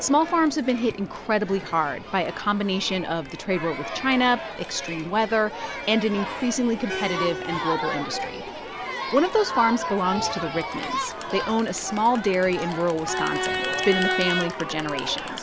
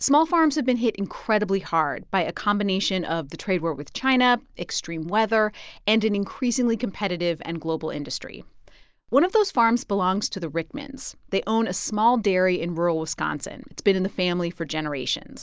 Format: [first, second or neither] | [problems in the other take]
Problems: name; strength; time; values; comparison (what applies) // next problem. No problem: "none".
second | background sound (Crowd); 6 dB below the speech